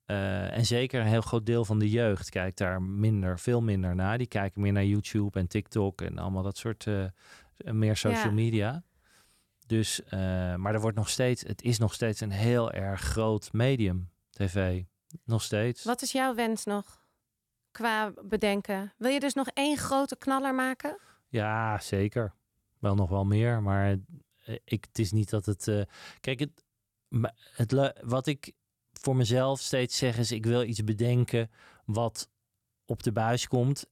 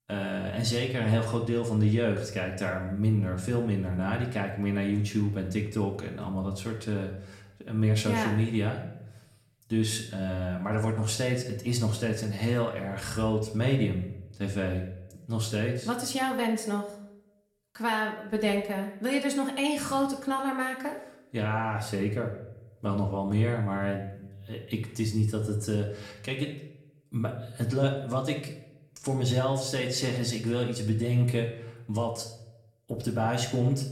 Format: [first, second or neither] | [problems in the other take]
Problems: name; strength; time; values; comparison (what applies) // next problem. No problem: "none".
first | room echo; slight; dies away in 0.6 s // off-mic speech; far